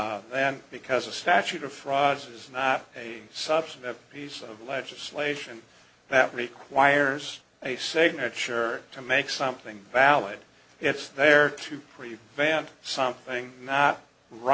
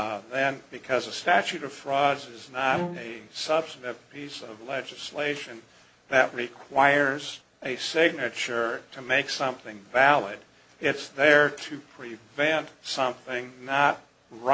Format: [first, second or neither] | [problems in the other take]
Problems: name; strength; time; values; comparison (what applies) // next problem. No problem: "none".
first | background sound (Bowed string instrument); 9 dB below the speech